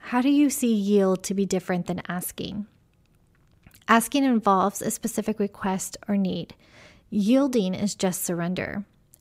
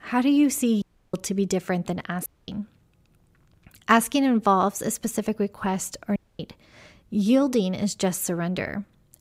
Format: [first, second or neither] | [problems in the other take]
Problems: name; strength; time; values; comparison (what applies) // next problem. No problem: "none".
first | audio cutting out; at 1 s, at 2.5 s and at 6 s